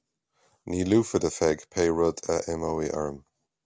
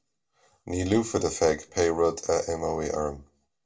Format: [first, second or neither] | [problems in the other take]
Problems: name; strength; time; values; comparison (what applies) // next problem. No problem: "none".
first | room echo; dies away in 0.2 s